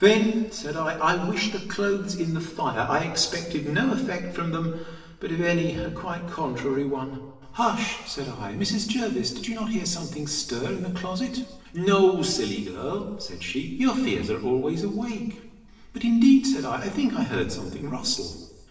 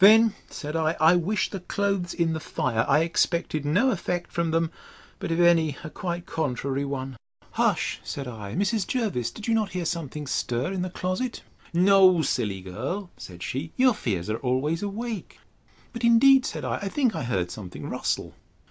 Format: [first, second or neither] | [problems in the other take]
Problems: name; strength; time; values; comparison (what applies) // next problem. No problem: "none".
second | background sound (Bowed string instrument); 18 dB below the speech // room echo; dies away in 1.1 s